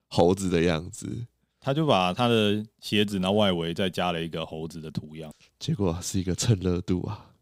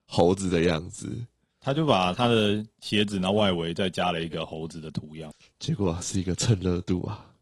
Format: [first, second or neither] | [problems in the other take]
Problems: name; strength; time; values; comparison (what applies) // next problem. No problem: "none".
first | garbled, watery; slightly